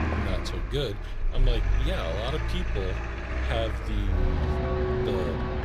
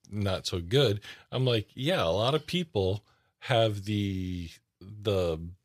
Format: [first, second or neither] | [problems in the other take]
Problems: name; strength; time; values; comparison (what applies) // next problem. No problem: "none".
second | traffic noise; very loud; throughout; 4 dB above the speech